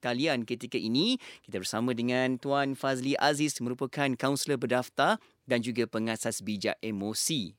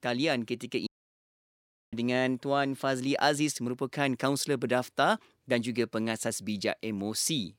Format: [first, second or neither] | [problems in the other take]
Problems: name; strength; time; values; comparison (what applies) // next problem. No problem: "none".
first | audio cutting out; at 1 s for 1 s